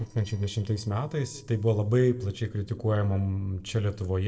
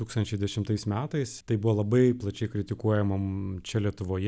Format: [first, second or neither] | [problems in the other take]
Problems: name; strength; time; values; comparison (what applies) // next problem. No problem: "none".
second | noise reduction (neural separator model SepFormer DNS4)